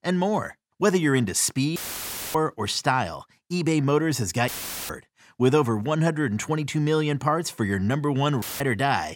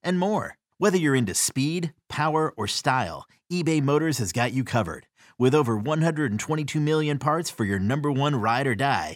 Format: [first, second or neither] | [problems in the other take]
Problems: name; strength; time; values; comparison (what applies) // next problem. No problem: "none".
second | audio cutting out; filled with static; at 2 s for 0.5 s, at 4.5 s and at 8.5 s